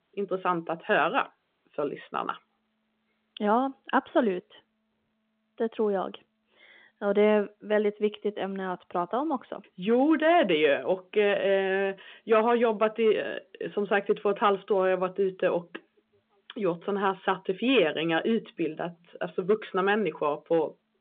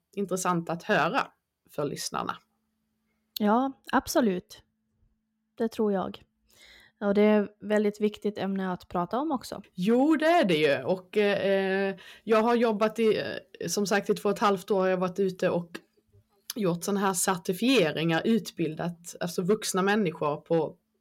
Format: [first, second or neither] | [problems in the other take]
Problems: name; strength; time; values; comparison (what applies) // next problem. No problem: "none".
second | phone-call audio; nothing above 3.5 kHz